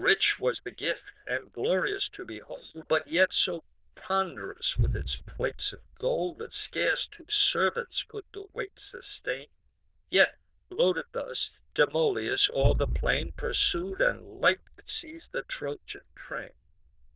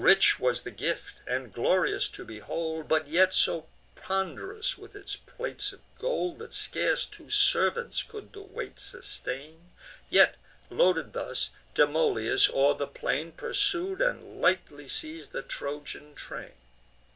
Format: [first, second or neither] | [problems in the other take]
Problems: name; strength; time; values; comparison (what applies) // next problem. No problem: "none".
second | noise reduction (neural diffusion model UNIVERSE++)